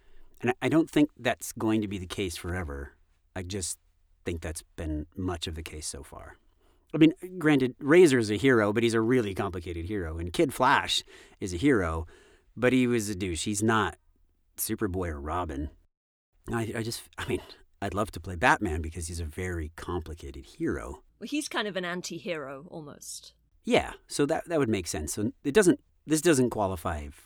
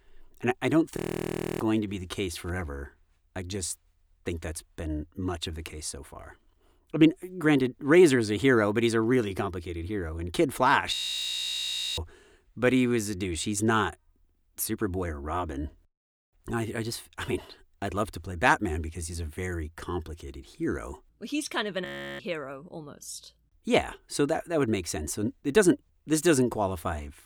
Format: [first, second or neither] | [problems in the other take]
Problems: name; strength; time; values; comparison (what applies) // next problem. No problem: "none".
first | audio freezing; at 1 s for 0.5 s, at 11 s for 1 s and at 22 s